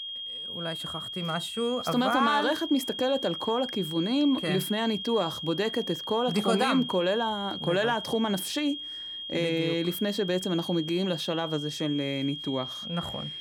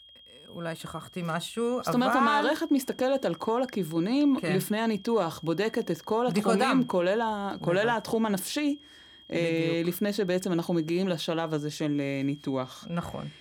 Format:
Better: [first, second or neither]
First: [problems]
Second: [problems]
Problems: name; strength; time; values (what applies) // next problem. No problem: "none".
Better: second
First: high-pitched whine; loud; throughout; 3 kHz, 6 dB below the speech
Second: high-pitched whine; faint; throughout; 3 kHz, 25 dB below the speech